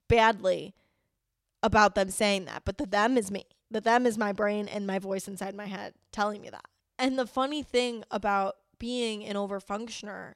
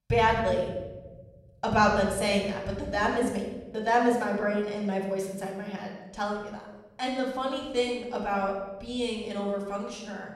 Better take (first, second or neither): first